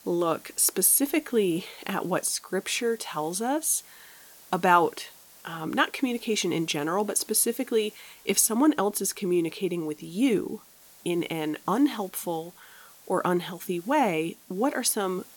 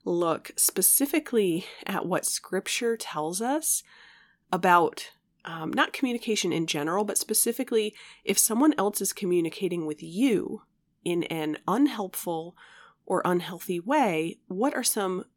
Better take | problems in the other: second | hiss; faint; throughout; 25 dB below the speech

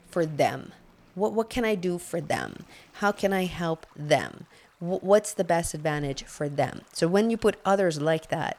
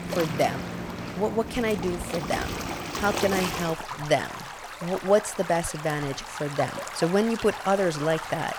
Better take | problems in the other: first | rain or running water; loud; throughout; 7 dB below the speech; faint in the first

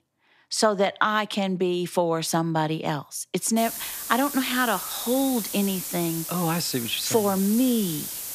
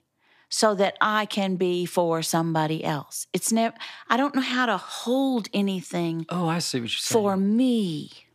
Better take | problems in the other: second | hiss; loud; from 3.5 s on; 6 dB below the speech

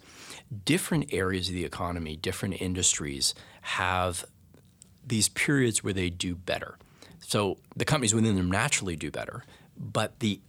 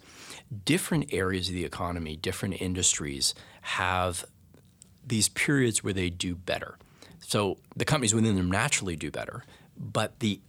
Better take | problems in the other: neither | none

